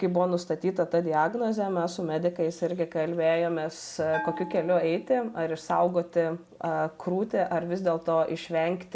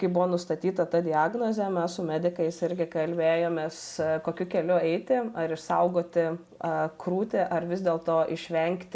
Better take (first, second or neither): second